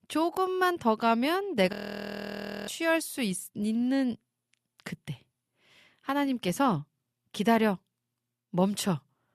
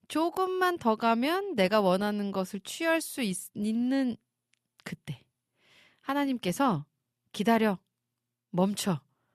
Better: second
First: audio freezing; at 1.5 s for 1 s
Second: none

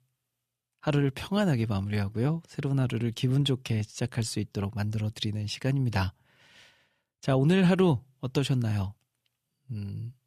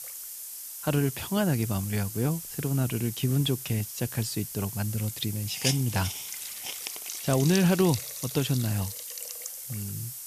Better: first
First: none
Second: hiss; loud; throughout; 6 dB below the speech

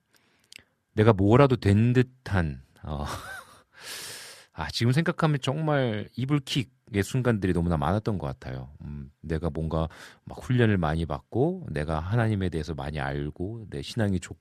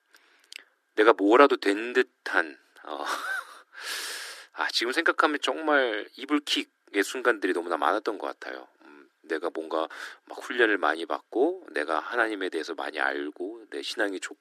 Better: first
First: none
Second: thin; very; fading below 300 Hz

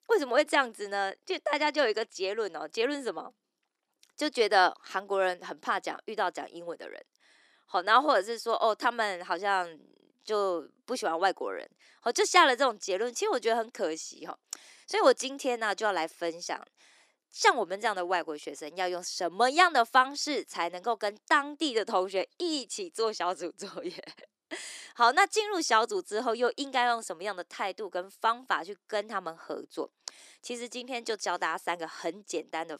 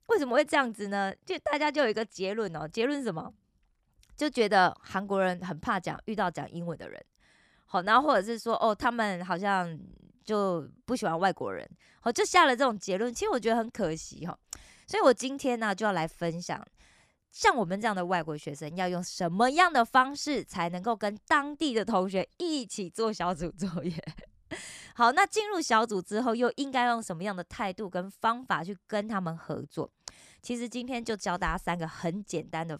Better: second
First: thin; somewhat; fading below 350 Hz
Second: none

